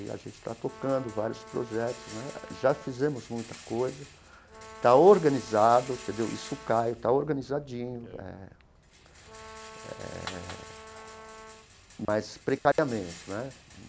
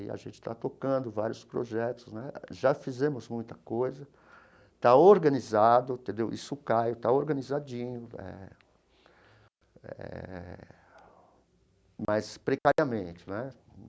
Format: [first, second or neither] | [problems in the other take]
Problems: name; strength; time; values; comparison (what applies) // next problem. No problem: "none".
second | background sound (Rattle + Brass instrument); 18 dB below the speech